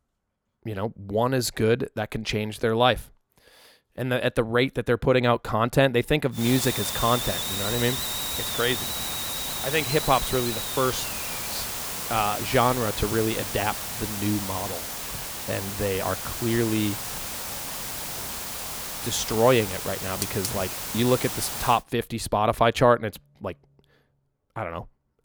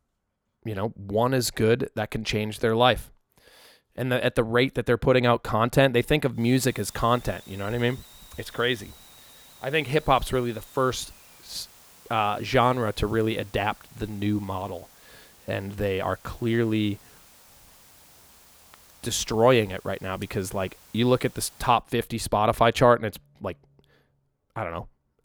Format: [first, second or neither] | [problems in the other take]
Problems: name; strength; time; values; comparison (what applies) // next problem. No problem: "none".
second | hiss; loud; from 6.5 to 22 s; 4 dB below the speech; faint in the second